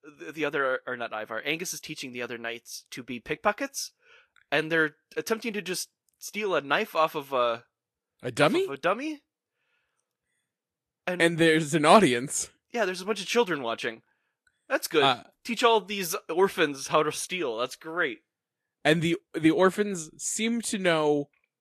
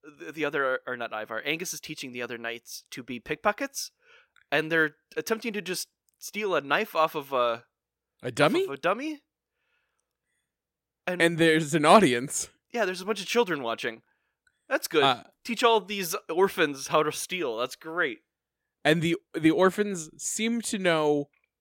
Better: second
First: garbled, watery; slightly; nothing above 13 kHz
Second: none

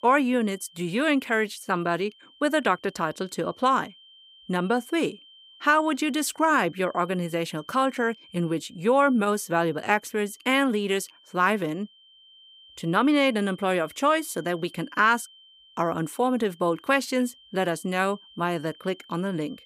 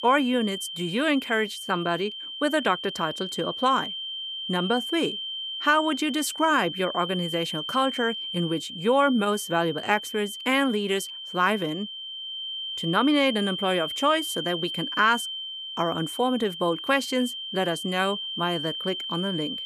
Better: first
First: high-pitched whine; faint; throughout; 3 kHz, 25 dB below the speech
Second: high-pitched whine; loud; throughout; 3 kHz, 6 dB below the speech

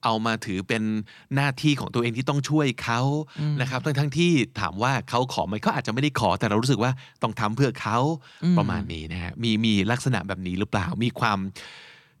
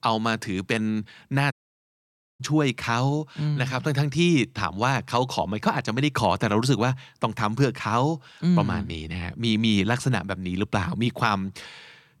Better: first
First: none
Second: audio cutting out; at 1.5 s for 1 s

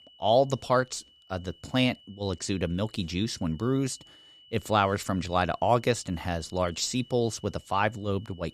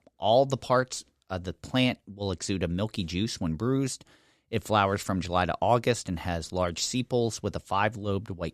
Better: second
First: high-pitched whine; faint; throughout; 3 kHz, 25 dB below the speech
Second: none

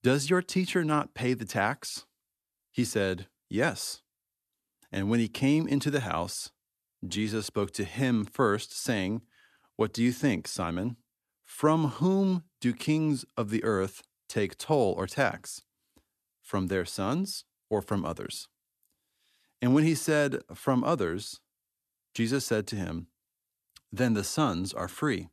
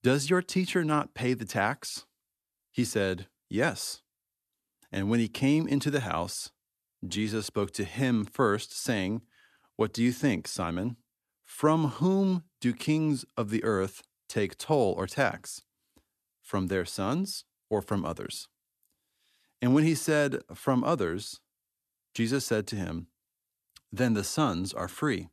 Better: neither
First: none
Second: none

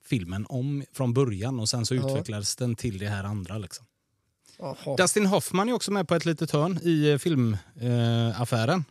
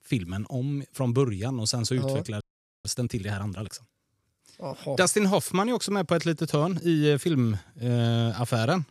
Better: first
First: none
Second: audio freezing; at 2.5 s

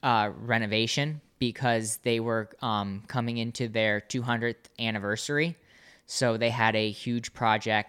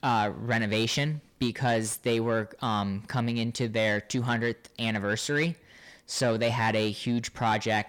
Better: first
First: none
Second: distortion; slight; 10 dB below the speech

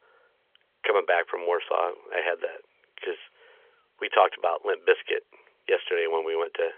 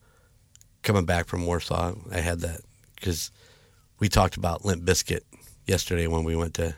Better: second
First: phone-call audio; nothing above 3.5 kHz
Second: none

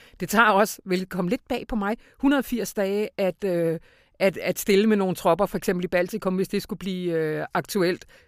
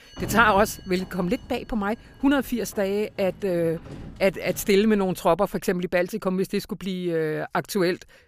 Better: first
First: none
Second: door banging; noticeable; until 5.5 s; peak 8 dB below the speech

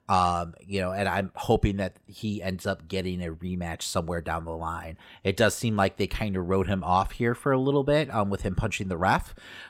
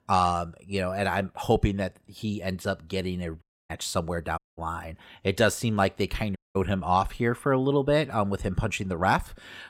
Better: first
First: none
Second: audio cutting out; at 3.5 s, at 4.5 s and at 6.5 s

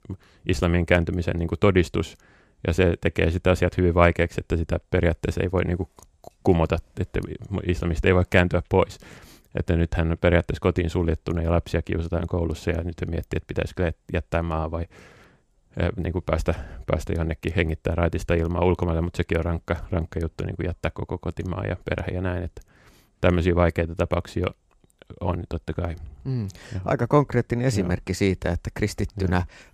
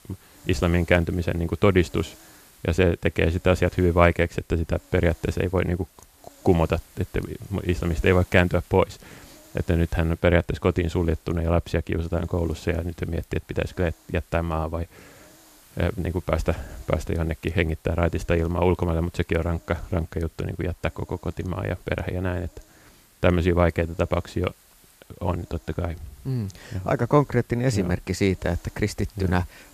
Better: first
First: none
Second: hiss; faint; throughout; 25 dB below the speech

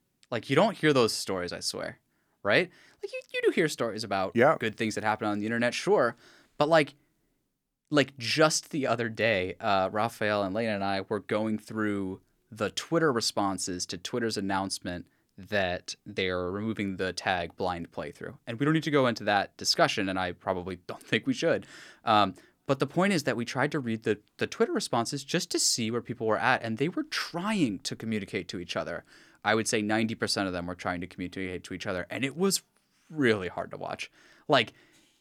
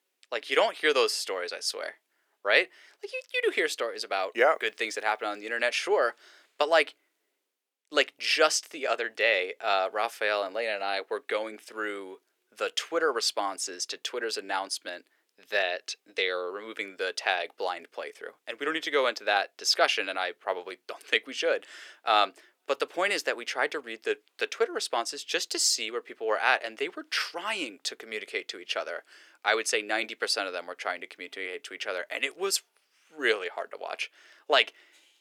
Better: first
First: none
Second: thin; very; fading below 450 Hz

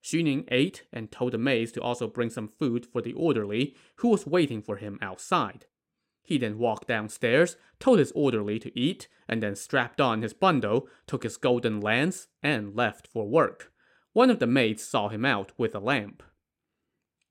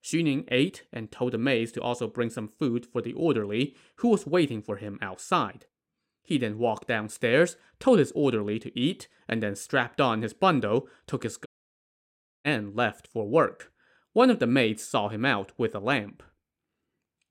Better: first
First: none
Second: audio cutting out; at 11 s for 1 s

